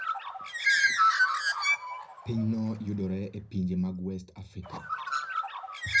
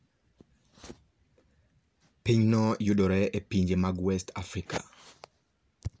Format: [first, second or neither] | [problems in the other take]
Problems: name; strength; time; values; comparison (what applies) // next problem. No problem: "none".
second | background sound (Bird); 5 dB above the speech // room echo; dies away in 0.4 s